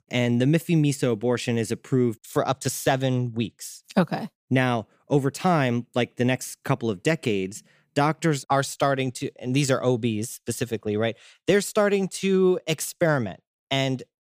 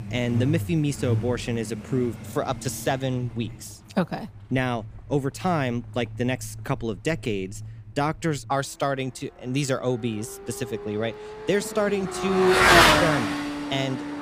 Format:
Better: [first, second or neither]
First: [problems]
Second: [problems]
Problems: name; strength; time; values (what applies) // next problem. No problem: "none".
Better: first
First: none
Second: traffic noise; very loud; throughout; 4 dB above the speech